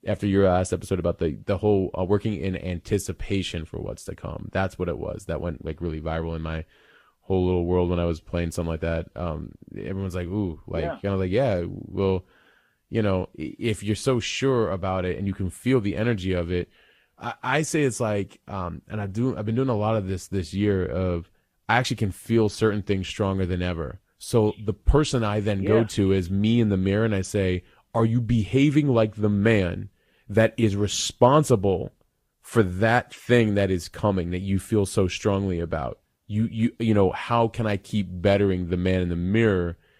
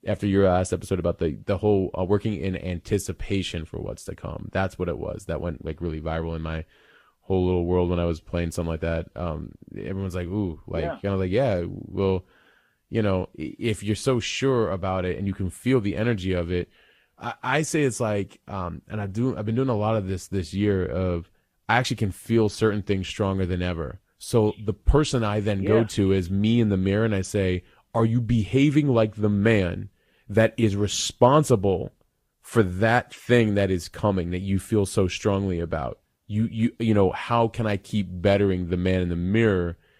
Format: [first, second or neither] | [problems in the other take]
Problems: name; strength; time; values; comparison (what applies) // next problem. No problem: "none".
neither | garbled, watery; slightly; nothing above 15 kHz; the same in both